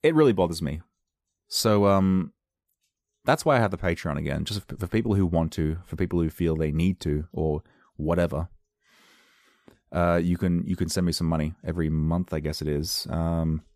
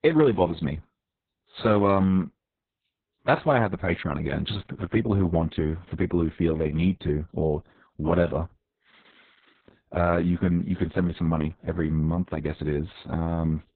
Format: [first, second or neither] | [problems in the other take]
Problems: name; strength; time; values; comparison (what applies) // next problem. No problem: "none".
first | garbled, watery; badly; nothing above 4 kHz